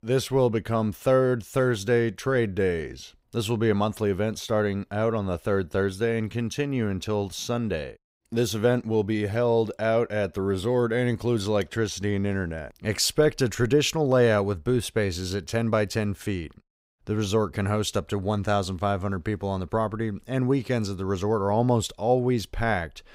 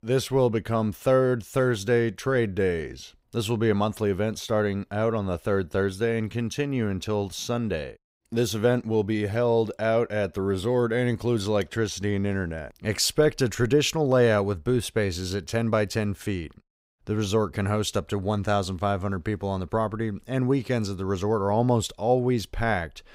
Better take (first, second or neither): neither